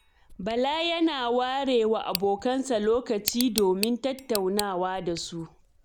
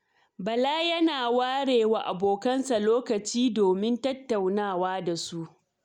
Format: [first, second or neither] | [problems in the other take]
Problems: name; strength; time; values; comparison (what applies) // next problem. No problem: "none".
second | background sound (Tick); 13 dB below the speech